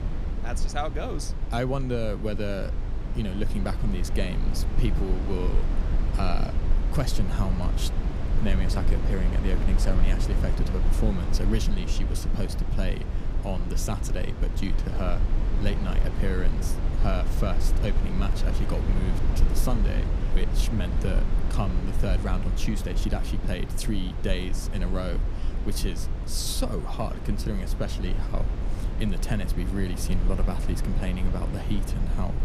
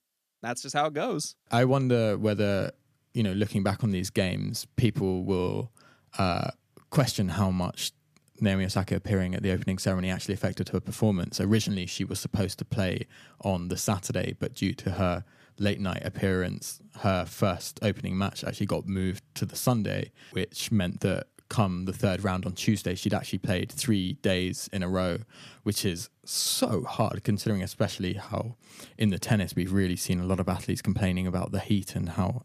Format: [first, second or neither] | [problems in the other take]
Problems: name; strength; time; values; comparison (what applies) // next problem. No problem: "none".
second | low rumble; loud; throughout; 5 dB below the speech